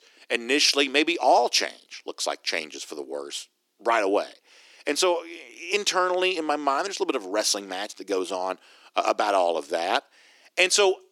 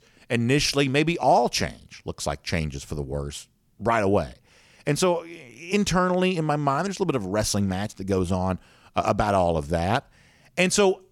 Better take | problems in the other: second | thin; somewhat; fading below 300 Hz

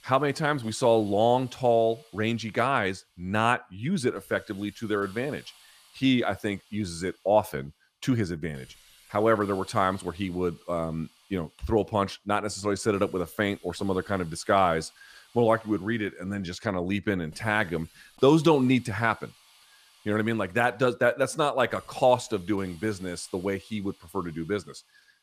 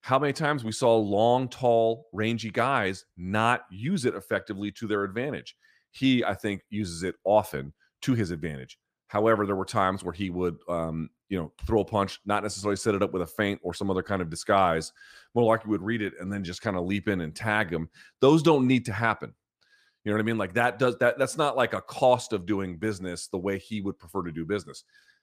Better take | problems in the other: second | hiss; faint; throughout; 30 dB below the speech

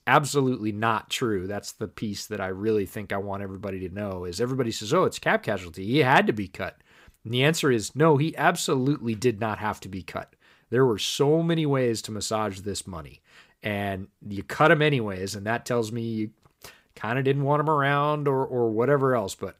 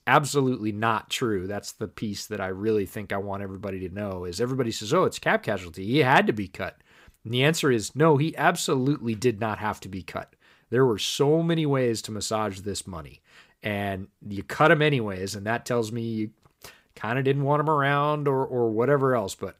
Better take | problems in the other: neither | none

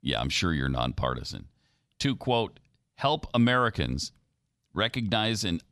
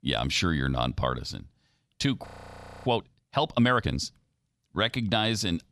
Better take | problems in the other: first | audio freezing; at 2.5 s for 0.5 s

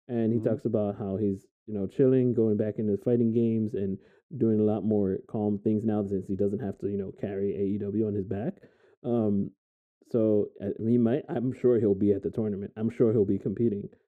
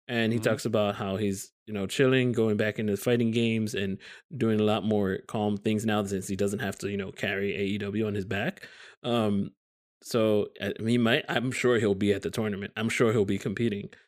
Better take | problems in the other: second | muffled; very; fading above 1 kHz

